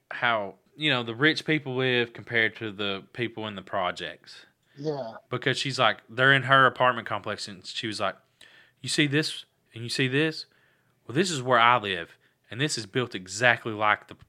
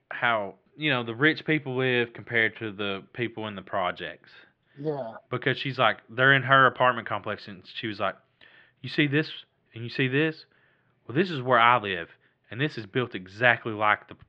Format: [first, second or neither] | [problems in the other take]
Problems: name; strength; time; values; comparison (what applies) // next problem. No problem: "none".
first | muffled; slightly; fading above 3 kHz